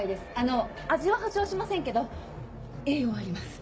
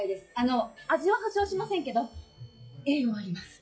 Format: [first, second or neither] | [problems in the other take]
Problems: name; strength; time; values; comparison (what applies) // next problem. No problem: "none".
first | noise reduction (classical method log-MMSE)